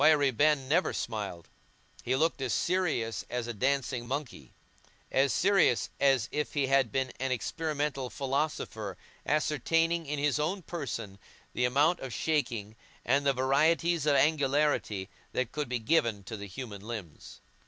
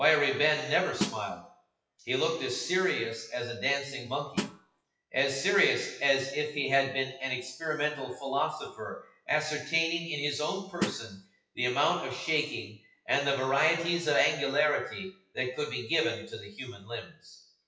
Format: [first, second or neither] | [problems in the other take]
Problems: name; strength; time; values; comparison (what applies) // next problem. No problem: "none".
first | noise reduction (classical method WPE with log-MMSE)